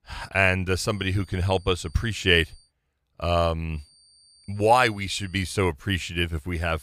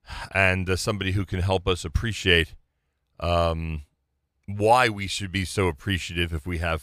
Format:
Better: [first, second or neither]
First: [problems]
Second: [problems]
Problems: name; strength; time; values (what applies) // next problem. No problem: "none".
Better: second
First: high-pitched whine; faint; from 1 to 2.5 s and from 4 to 5.5 s; 4.5 kHz, 30 dB below the speech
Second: none